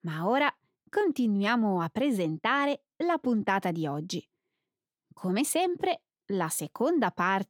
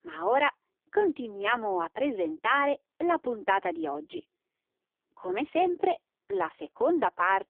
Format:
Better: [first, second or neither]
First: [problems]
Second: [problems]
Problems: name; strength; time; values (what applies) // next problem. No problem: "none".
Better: first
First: none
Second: phone-call audio; poor line; nothing above 3 kHz